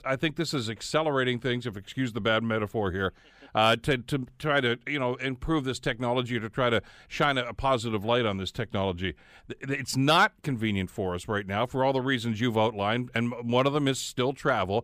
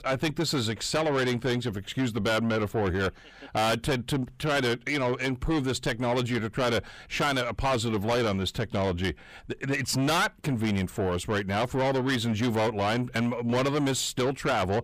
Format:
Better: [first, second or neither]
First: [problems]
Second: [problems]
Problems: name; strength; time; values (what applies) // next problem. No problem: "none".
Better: first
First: none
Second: distortion; heavy; 6 dB below the speech